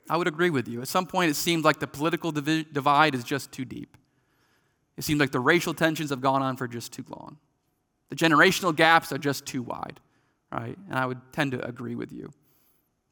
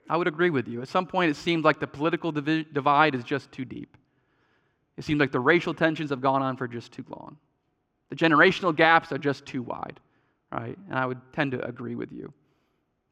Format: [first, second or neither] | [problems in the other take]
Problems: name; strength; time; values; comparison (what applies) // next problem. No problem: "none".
first | muffled; slightly; fading above 3 kHz